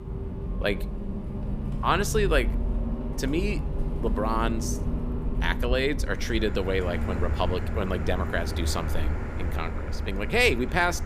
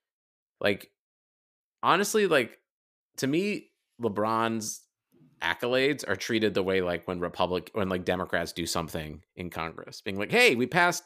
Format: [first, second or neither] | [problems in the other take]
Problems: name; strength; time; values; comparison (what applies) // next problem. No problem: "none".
second | traffic noise; loud; throughout; 3 dB below the speech